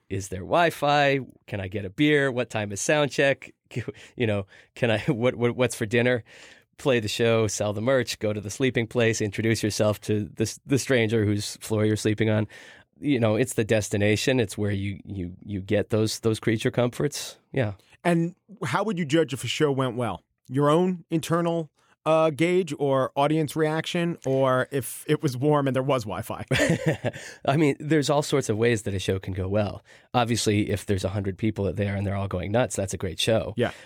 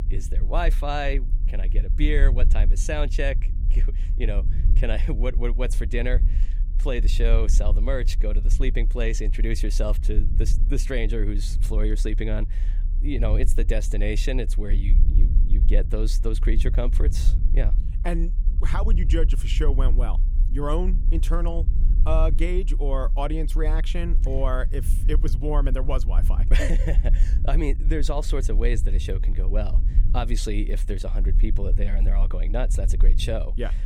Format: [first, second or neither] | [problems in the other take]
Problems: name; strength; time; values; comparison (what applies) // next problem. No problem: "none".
first | low rumble; noticeable; throughout; 15 dB below the speech